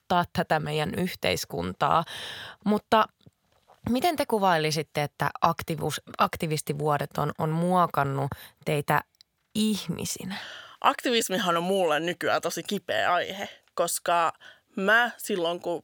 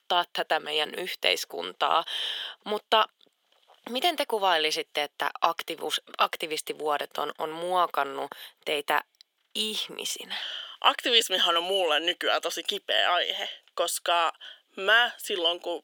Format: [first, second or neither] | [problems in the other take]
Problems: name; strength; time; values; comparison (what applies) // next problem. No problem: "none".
first | thin; very; fading below 300 Hz